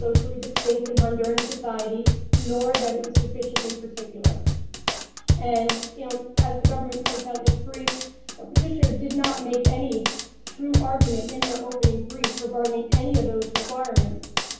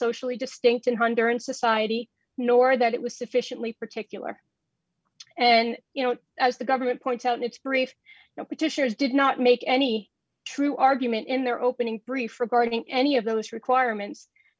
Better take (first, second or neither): second